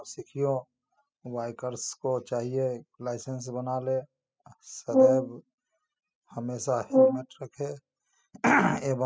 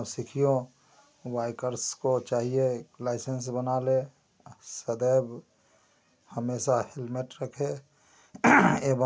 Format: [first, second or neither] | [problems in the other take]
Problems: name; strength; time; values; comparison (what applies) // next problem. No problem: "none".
second | noise reduction (classical method spectral subtraction)